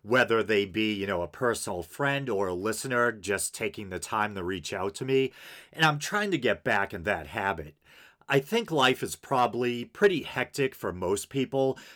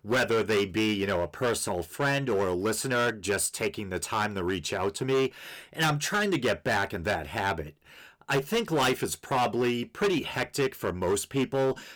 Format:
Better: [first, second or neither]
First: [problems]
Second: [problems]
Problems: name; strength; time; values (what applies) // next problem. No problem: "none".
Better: first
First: none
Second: distortion; heavy; 11% of the sound clipped